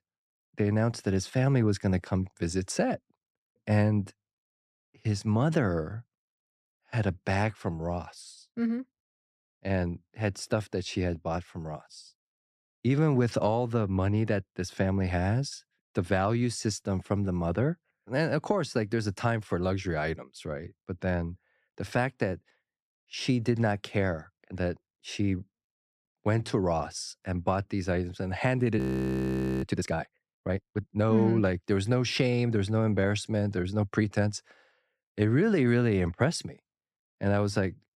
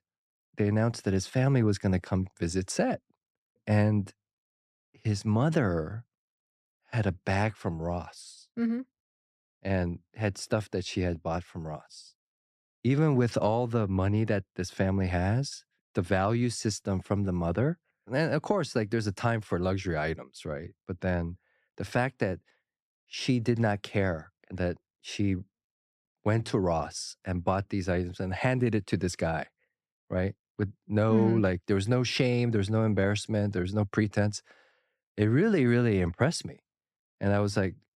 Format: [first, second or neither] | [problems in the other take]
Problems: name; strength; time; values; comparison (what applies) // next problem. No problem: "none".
second | audio freezing; at 29 s for 1 s